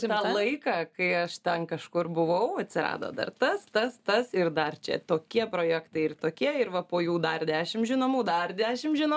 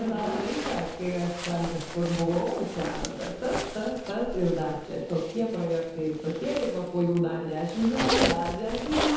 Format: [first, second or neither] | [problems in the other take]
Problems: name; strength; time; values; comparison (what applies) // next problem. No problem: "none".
first | background sound (Zipper (clothing)); 6 dB below the speech // room echo; dies away in 0.9 s